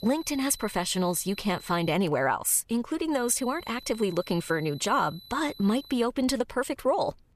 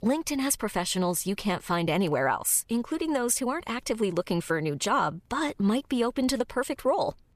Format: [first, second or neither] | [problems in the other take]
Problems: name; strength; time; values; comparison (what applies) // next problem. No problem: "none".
second | high-pitched whine; noticeable; until 2 s and from 3 to 6 s; 4 kHz, 20 dB below the speech